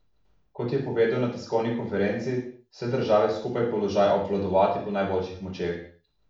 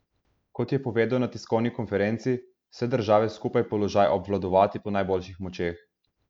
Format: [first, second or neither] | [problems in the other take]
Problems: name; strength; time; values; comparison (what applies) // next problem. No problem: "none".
second | room echo; dies away in 0.5 s